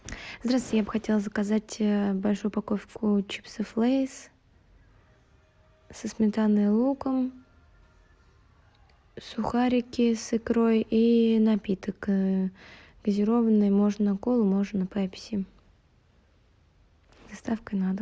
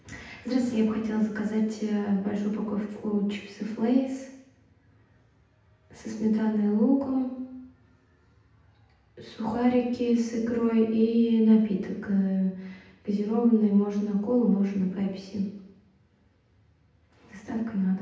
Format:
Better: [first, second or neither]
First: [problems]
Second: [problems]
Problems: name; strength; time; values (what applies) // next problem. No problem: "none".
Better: first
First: none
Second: room echo; dies away in 0.8 s